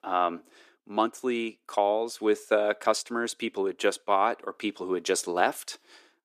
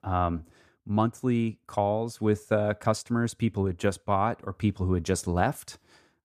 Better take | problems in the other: second | thin; somewhat; fading below 350 Hz

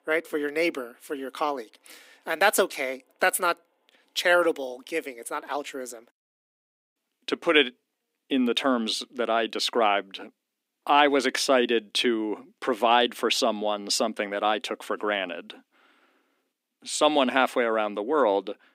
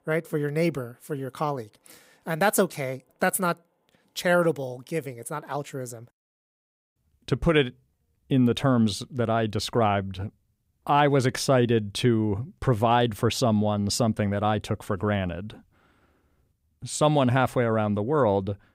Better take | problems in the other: second | thin; somewhat; fading below 250 Hz

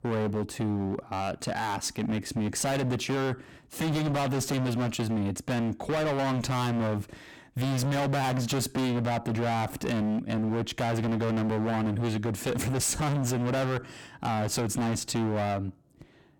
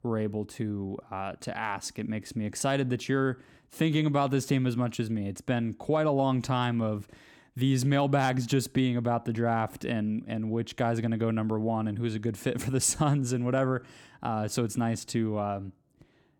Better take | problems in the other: second | distortion; heavy; 36% of the sound clipped

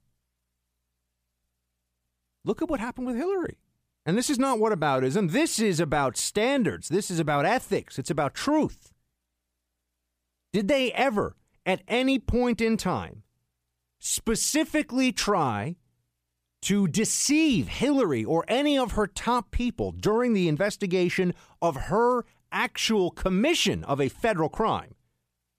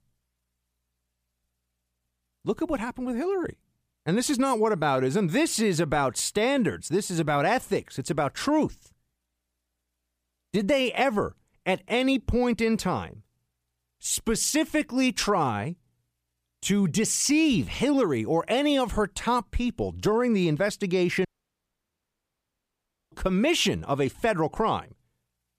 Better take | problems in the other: first | audio cutting out; at 21 s for 2 s

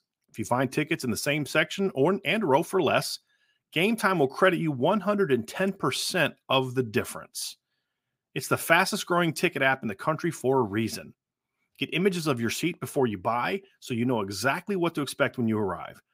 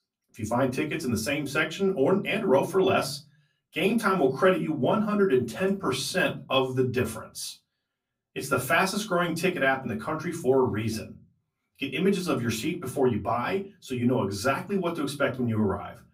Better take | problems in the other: first | off-mic speech; far // room echo; very slight; dies away in 0.3 s

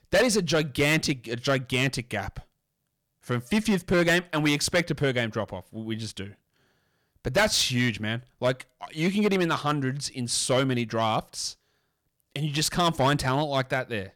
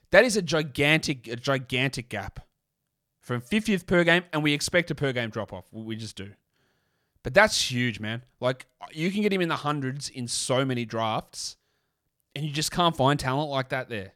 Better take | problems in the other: second | distortion; heavy; 4% of the sound clipped

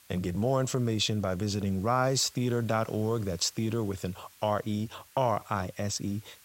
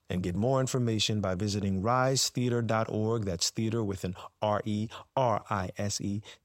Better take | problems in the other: second | hiss; faint; throughout; 25 dB below the speech

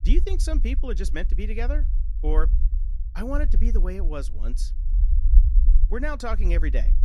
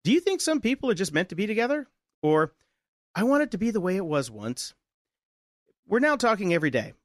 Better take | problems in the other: second | low rumble; noticeable; throughout; 15 dB below the speech

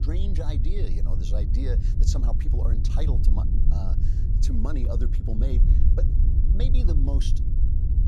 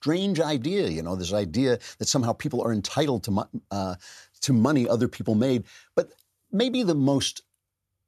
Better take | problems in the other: second | low rumble; loud; throughout; 3 dB below the speech

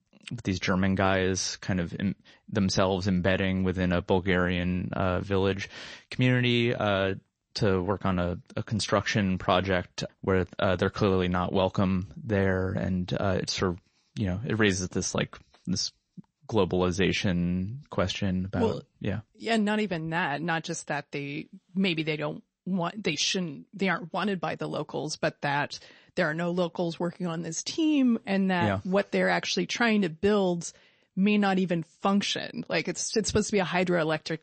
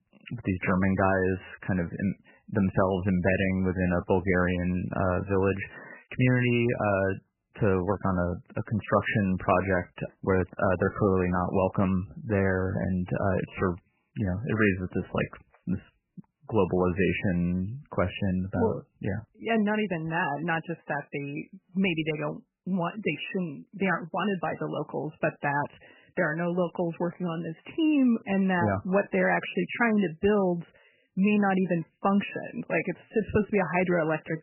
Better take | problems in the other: first | garbled, watery; badly; nothing above 3 kHz; slightly in the first

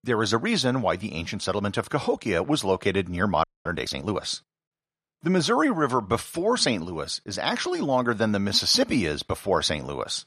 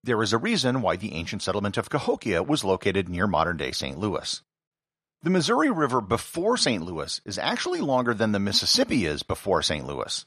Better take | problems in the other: second | audio freezing; at 3.5 s

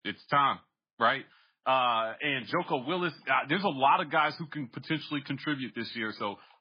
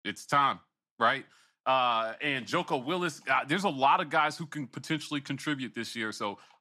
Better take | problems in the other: second | garbled, watery; badly; nothing above 5 kHz

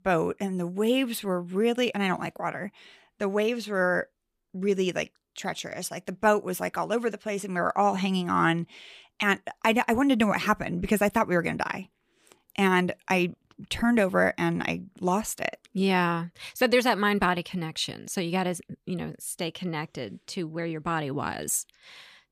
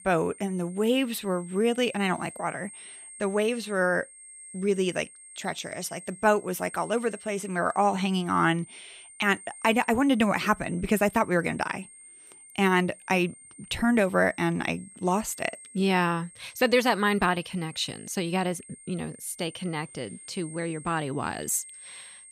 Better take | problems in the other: first | high-pitched whine; noticeable; throughout; 8.5 kHz, 20 dB below the speech

